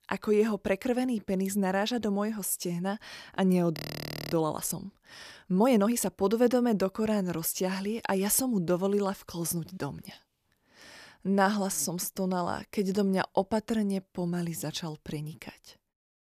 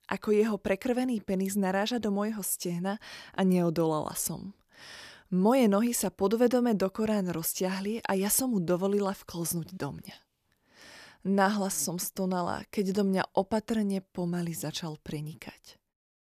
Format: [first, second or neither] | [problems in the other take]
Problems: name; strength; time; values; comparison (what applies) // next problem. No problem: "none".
second | audio freezing; at 4 s for 0.5 s